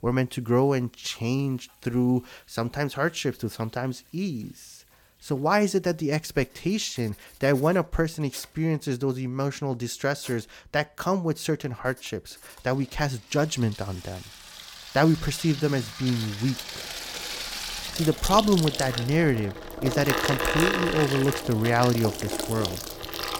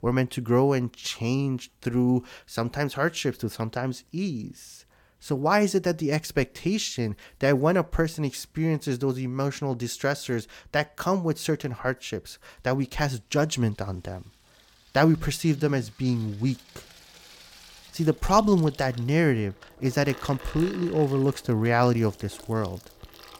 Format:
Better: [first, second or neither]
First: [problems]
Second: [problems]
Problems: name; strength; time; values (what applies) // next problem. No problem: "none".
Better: second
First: household noises; loud; throughout; 5 dB below the speech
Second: household noises; faint; throughout; 20 dB below the speech